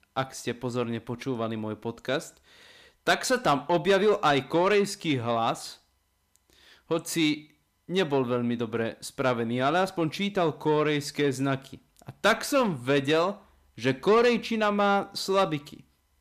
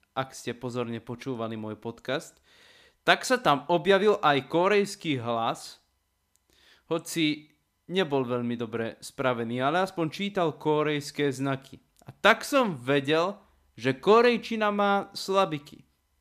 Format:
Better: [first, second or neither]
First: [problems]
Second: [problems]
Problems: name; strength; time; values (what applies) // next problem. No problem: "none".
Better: second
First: distortion; slight; 10 dB below the speech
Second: none